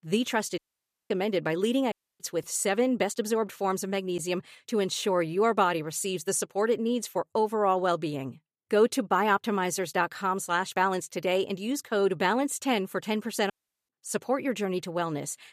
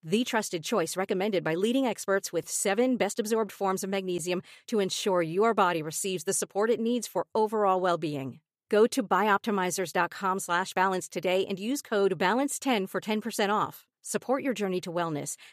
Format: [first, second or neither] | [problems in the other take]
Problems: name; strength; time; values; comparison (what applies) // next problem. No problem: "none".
second | audio cutting out; at 0.5 s for 0.5 s, at 2 s and at 14 s